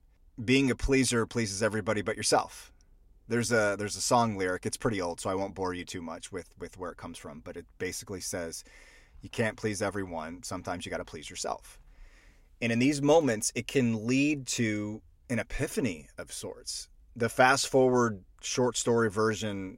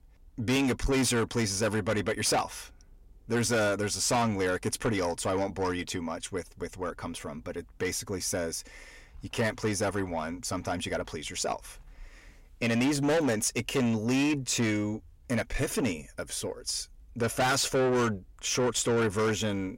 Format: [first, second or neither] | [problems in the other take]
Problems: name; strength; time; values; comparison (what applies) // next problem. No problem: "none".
first | distortion; heavy; 7 dB below the speech